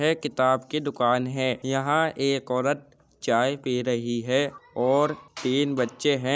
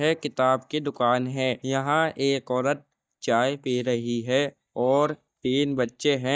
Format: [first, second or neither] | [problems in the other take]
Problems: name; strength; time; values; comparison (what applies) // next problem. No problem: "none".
first | noise reduction (neural mask model DeepFilterNet 3)